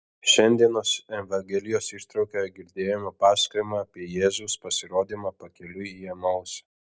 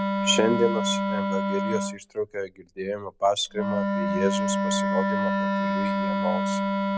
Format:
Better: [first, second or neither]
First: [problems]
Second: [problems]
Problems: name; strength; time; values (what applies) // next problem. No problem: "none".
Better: first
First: none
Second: background sound (Wind instrument, woodwind instrument); 3 dB above the speech